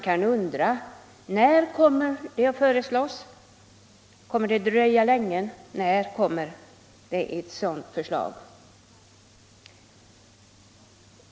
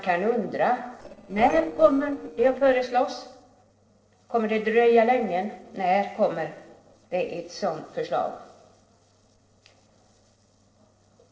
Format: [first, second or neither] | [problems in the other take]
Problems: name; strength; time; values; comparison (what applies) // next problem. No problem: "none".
first | noise reduction (neural separator model SepFormer DNS4)